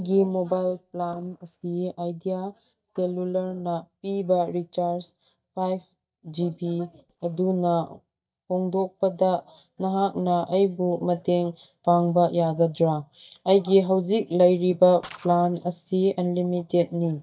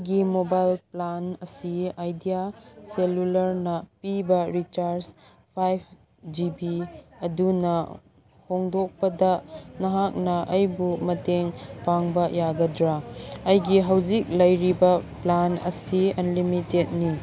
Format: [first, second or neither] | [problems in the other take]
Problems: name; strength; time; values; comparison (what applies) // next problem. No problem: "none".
second | noise reduction (neural mask model DeepFilterNet 3)